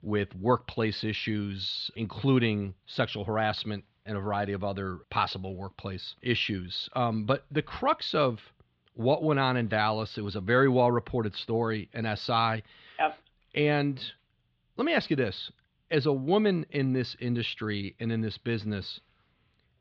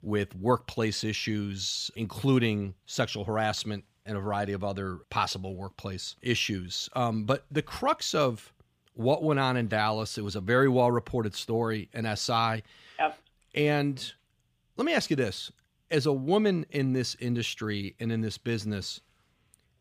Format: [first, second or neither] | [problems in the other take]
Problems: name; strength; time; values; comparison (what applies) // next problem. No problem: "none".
second | muffled; very slightly; fading above 4 kHz